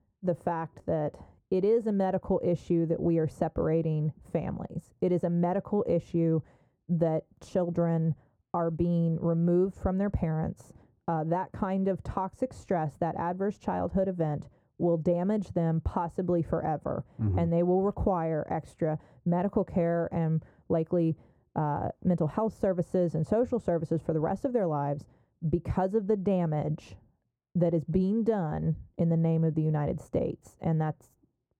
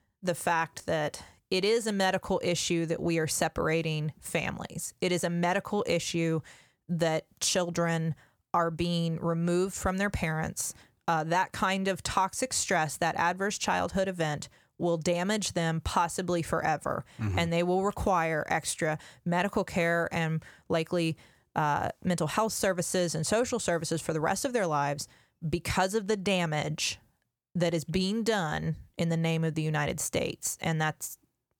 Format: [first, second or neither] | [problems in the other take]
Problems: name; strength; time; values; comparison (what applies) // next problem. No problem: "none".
second | muffled; very; fading above 1.5 kHz